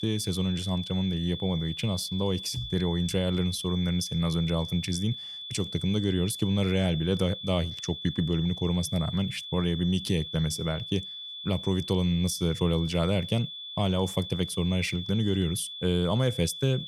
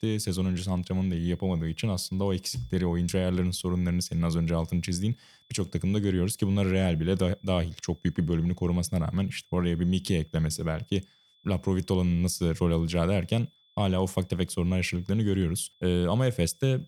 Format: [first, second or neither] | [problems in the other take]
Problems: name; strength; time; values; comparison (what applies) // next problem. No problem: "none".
second | high-pitched whine; loud; throughout; 3.5 kHz, 8 dB below the speech; faint in the second